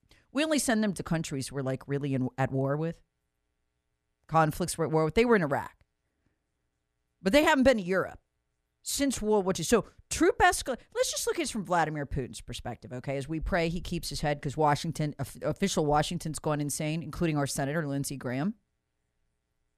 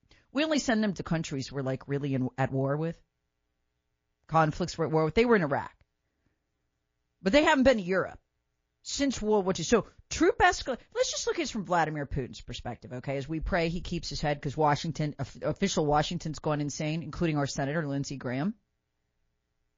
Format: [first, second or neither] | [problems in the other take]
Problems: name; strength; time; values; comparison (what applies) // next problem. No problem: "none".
first | garbled, watery; slightly; nothing above 6.5 kHz